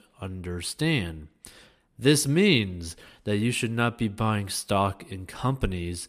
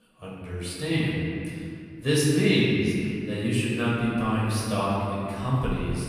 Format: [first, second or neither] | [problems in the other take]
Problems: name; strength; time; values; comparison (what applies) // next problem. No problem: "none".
first | room echo; strong; dies away in 2.2 s // off-mic speech; far